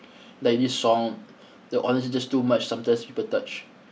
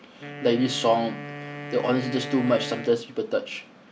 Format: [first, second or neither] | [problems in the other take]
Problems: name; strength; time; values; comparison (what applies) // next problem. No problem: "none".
first | background sound (Wind instrument, woodwind instrument); 11 dB below the speech